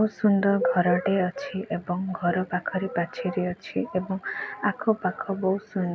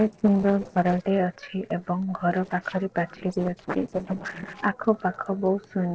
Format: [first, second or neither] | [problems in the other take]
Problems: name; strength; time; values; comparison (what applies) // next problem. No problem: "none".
first | noise reduction (neural separator model SepFormer DNS4)